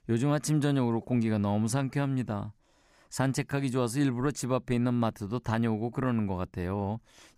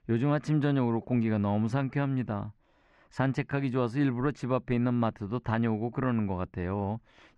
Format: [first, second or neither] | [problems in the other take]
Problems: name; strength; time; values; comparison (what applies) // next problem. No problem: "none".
first | muffled; slightly; fading above 2.5 kHz